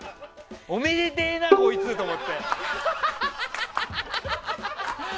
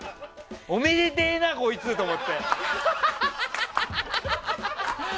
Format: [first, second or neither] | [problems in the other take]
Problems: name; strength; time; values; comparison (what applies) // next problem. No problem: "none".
second | background sound (Bowed string instrument); 2 dB above the speech